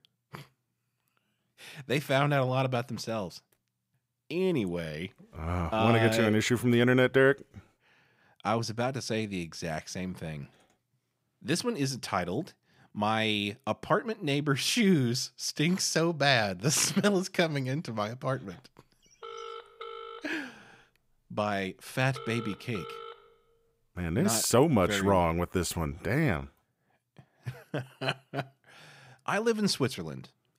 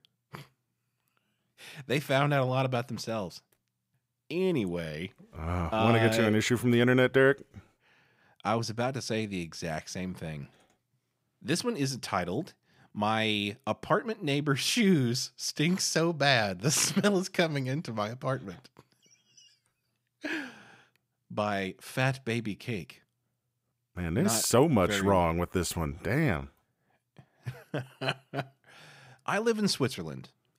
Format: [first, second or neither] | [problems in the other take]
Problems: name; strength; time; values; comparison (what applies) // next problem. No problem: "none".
second | phone ringing; faint; from 19 to 23 s; peak 10 dB below the speech